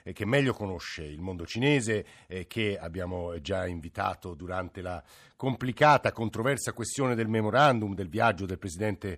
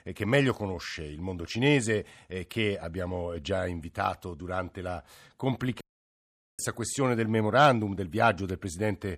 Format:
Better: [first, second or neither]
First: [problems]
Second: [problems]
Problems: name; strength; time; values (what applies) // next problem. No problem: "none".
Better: first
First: none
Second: audio cutting out; at 6 s for 1 s